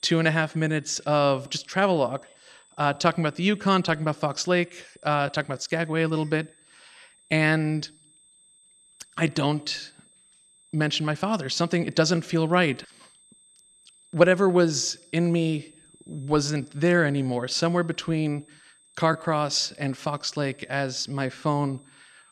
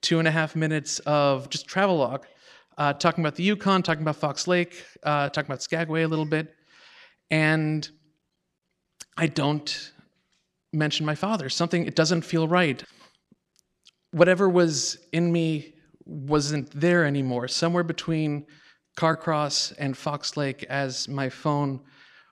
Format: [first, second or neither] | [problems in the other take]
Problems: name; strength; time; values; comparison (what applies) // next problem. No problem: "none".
second | high-pitched whine; faint; throughout; 8.5 kHz, 30 dB below the speech